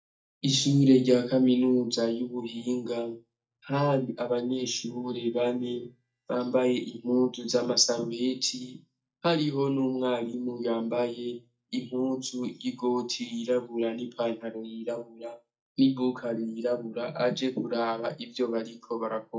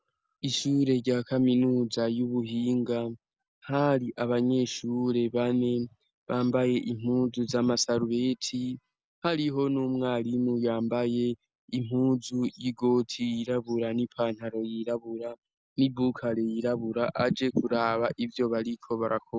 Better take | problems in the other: second | noise reduction (neural mask model DeepFilterNet 3)

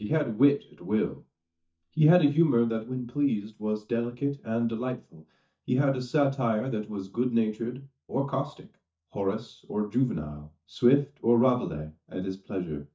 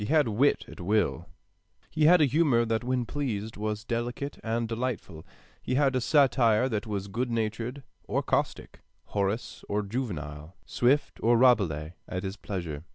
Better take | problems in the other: second | noise reduction (neural mask model DeepFilterNet 3)

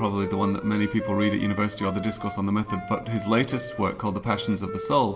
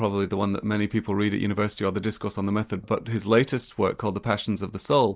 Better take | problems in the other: second | background sound (Wind instrument, woodwind instrument); 11 dB below the speech // room echo; dies away in 1.3 s

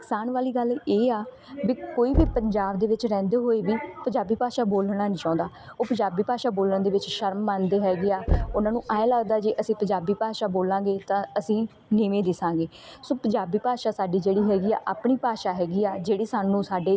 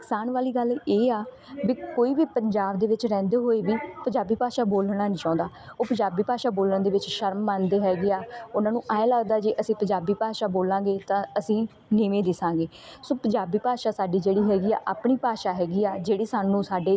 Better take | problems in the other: second | background sound (Knock / Wood); 7 dB below the speech

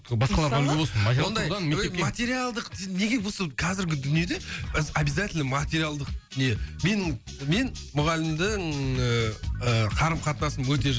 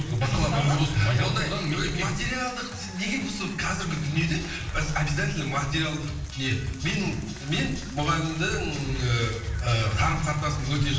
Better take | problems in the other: first | background sound (Applause / Crowd); 20 dB below the speech // room echo; dies away in 0.7 s

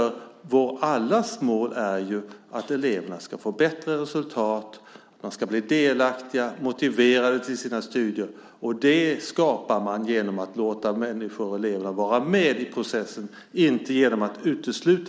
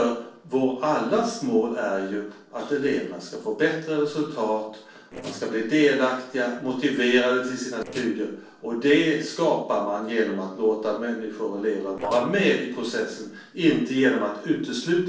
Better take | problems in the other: first | noise reduction (neural separator model SepFormer DNS4)

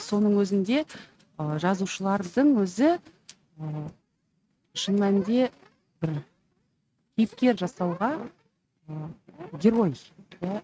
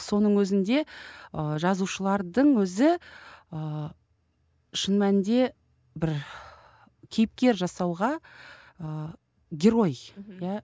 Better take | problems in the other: second | noise reduction (neural mask model RNNoise)

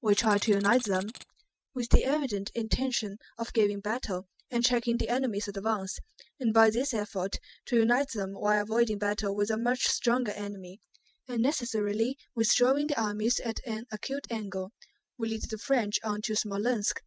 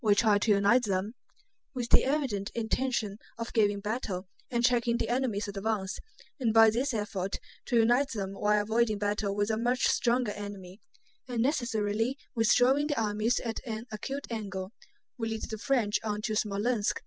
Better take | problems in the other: second | noise reduction (neural mask model RNNoise)

